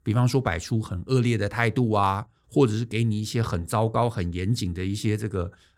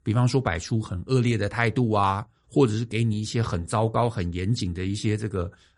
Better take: first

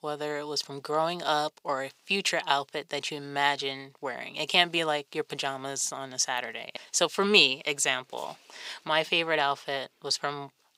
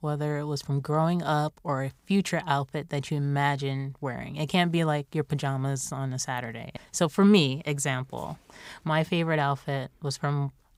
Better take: second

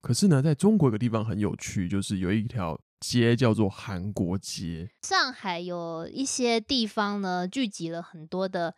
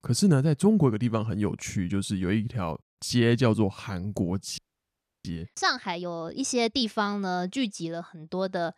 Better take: first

